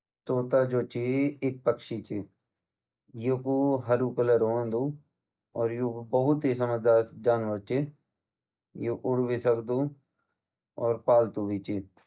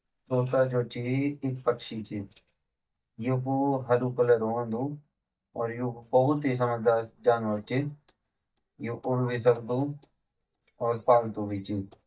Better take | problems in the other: first | noise reduction (neural mask model DeepFilterNet 3)

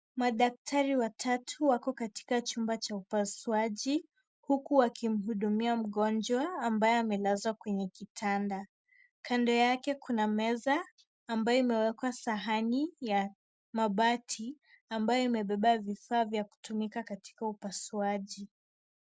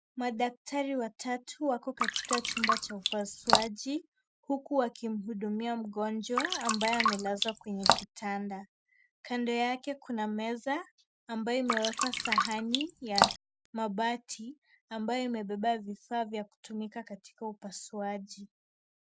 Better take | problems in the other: first | background sound (Drip); 3 dB above the speech

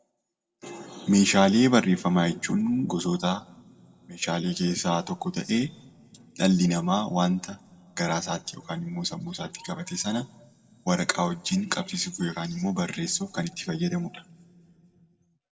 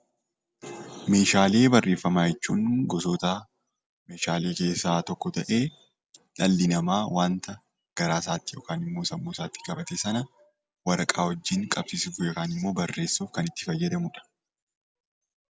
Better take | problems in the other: second | room echo; dies away in 0.8 s

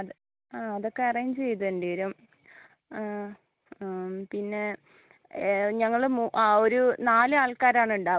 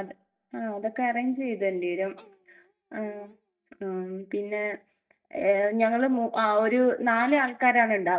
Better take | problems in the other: first | noise reduction (neural mask model DeepFilterNet 3)

